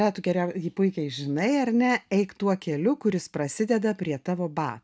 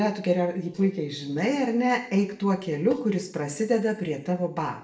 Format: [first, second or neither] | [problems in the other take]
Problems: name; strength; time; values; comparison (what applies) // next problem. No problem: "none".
first | noise reduction (neural separator model SepFormer DNS4)